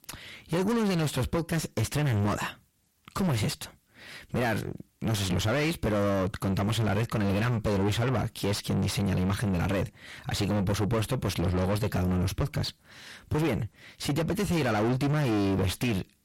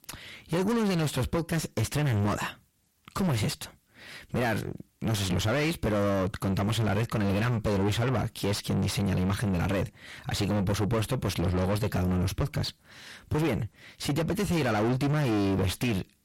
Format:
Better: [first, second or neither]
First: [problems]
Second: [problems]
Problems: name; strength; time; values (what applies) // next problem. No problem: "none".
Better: neither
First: distortion; heavy; 6 dB below the speech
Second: distortion; heavy; 6 dB below the speech